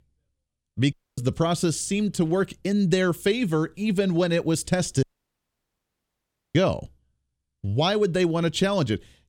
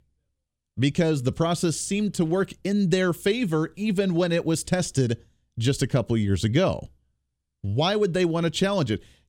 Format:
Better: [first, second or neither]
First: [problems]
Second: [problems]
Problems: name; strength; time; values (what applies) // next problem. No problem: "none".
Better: second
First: audio cutting out; at 1 s and at 5 s for 1.5 s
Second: none